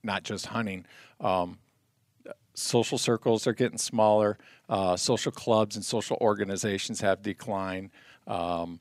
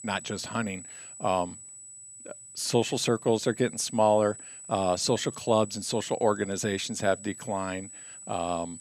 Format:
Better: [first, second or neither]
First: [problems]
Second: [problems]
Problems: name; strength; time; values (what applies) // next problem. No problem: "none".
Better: first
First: none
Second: high-pitched whine; noticeable; throughout; 8 kHz, 15 dB below the speech